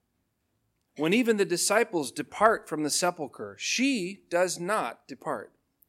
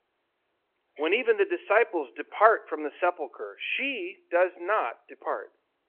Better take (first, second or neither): first